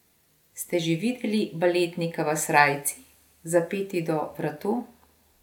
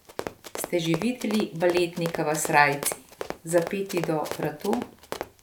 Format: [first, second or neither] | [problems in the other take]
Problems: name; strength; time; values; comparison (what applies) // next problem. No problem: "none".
first | background sound (Run); 10 dB below the speech